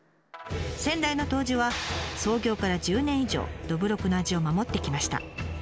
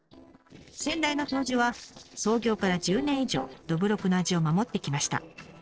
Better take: first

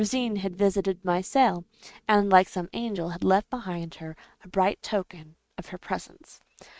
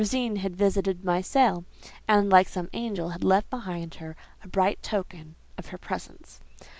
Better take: second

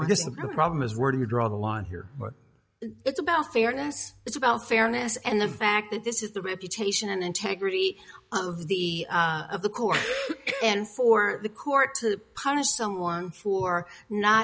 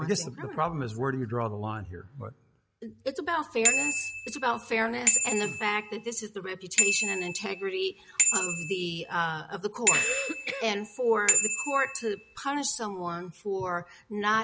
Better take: first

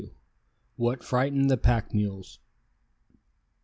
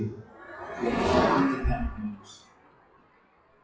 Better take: first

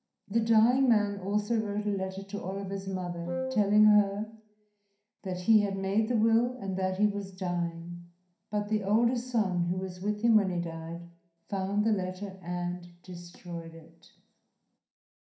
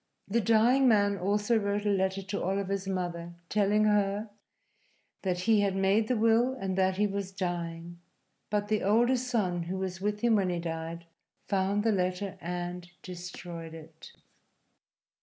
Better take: second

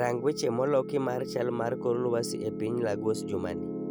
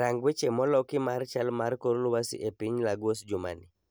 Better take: second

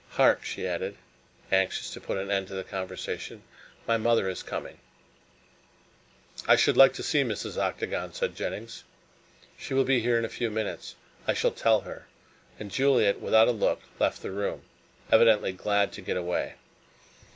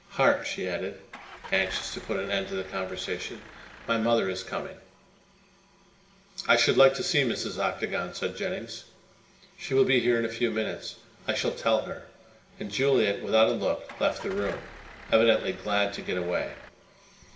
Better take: first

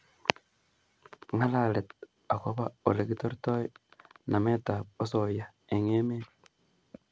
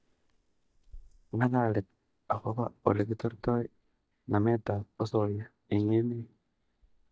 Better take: first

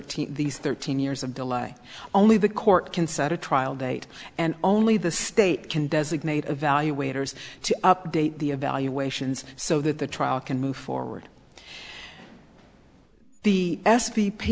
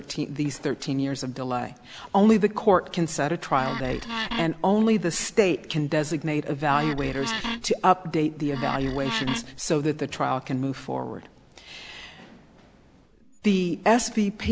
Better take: first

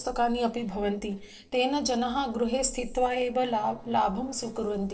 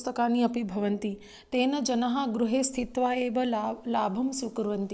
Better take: second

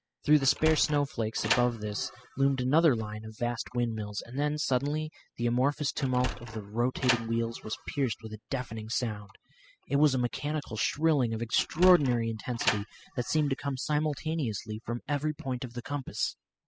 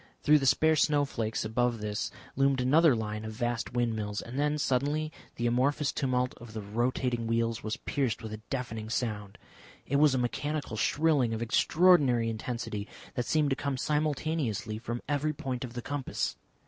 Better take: second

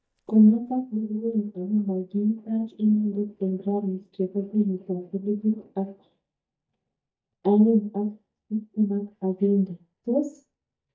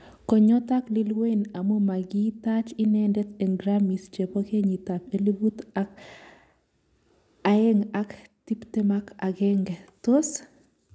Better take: second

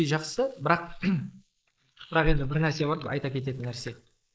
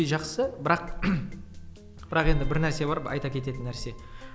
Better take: second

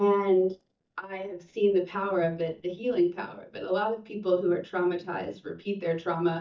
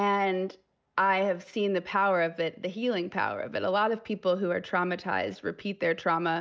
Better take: second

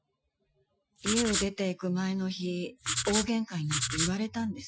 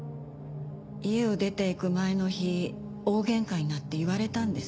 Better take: second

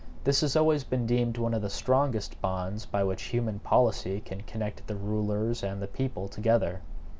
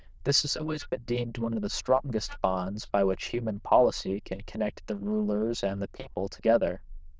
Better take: first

